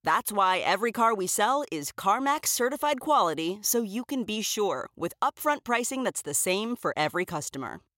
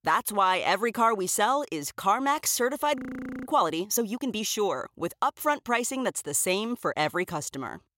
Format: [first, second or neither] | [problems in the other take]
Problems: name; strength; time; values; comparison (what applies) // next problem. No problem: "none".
first | audio freezing; at 3 s